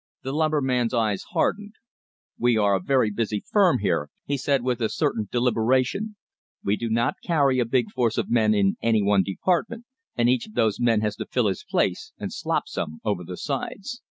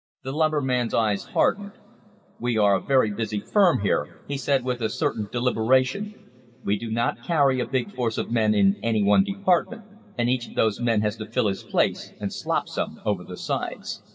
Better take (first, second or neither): first